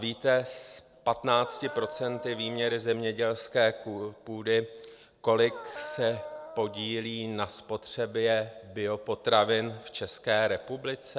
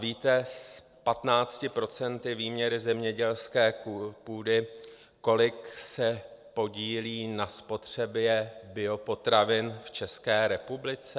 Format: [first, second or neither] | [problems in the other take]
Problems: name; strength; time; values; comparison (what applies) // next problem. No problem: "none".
second | background sound (Dog); 12 dB below the speech